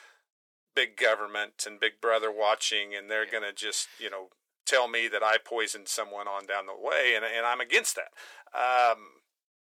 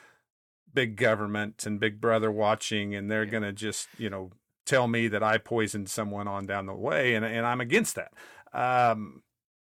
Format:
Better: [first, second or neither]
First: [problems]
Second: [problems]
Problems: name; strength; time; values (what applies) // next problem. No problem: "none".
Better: second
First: thin; very; fading below 450 Hz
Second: none